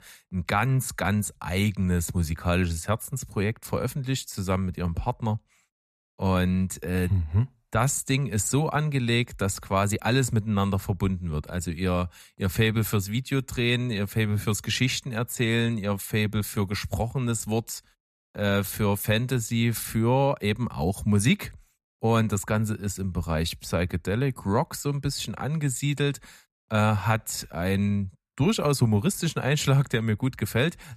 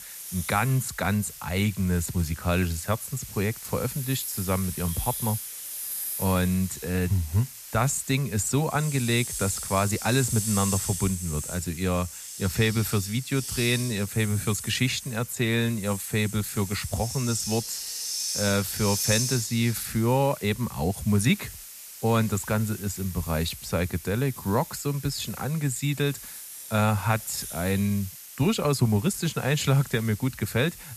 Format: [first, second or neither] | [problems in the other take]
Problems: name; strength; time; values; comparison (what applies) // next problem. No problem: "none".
first | hiss; loud; throughout; 7 dB below the speech